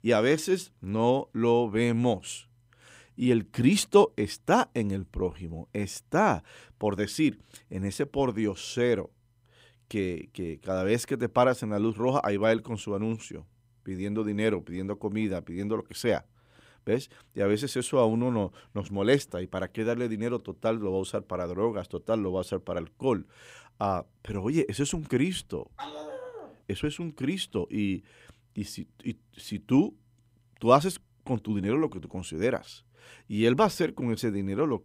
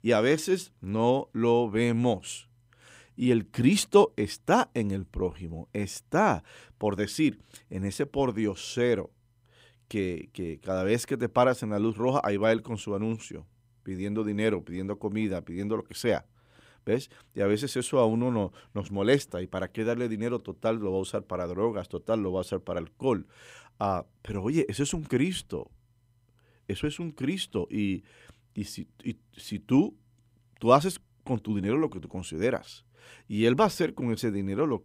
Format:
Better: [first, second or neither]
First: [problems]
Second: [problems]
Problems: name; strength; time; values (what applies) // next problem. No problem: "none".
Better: second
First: dog barking; faint; at 26 s; peak 10 dB below the speech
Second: none